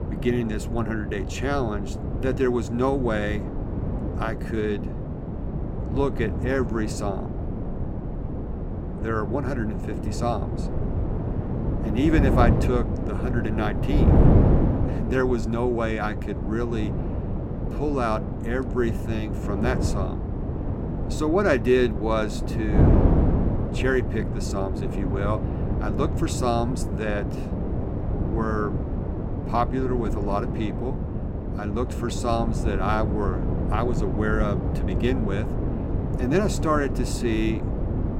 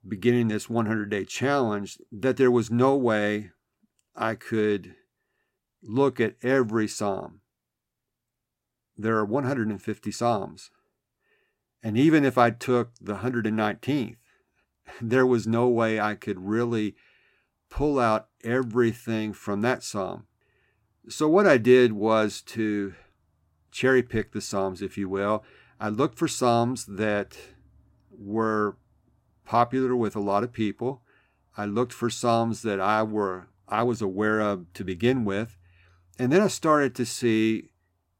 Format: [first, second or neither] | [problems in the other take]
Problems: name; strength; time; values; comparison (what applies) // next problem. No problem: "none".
second | wind noise on the microphone; heavy; 6 dB below the speech